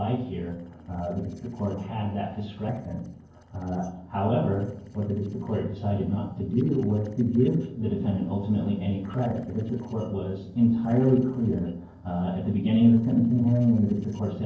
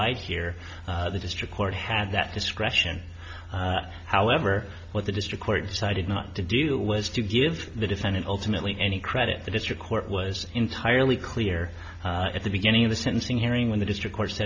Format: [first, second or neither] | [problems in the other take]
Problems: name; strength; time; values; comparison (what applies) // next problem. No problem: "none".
second | noise reduction (neural separator model SepFormer DNS4)